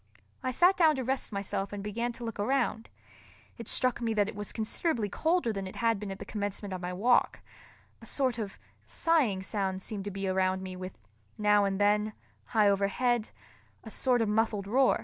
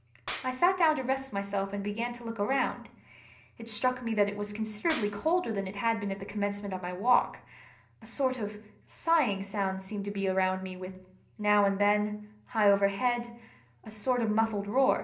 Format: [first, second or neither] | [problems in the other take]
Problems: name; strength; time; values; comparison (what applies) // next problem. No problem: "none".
first | background sound (Clapping); 19 dB below the speech // room echo; dies away in 0.5 s